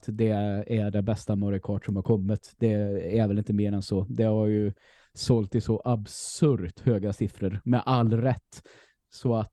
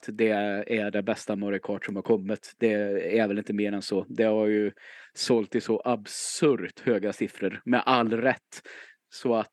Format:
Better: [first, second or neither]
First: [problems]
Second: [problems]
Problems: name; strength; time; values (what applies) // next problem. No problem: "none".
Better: first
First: none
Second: thin; somewhat; fading below 250 Hz